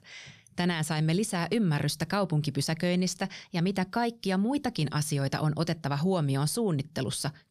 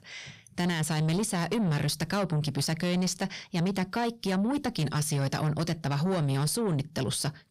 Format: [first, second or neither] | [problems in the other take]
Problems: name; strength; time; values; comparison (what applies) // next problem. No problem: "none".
first | distortion; slight; 10 dB below the speech